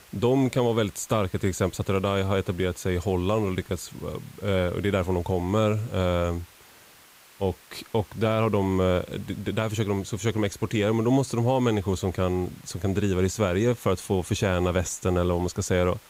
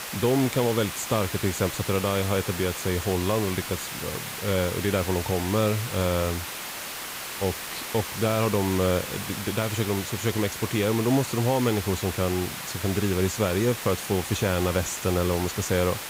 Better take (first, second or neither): first